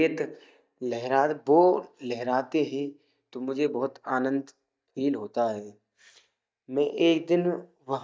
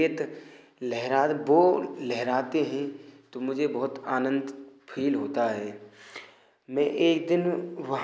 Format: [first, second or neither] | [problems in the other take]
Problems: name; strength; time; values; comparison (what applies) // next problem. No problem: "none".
second | noise reduction (neural mask model DeepFilterNet 3)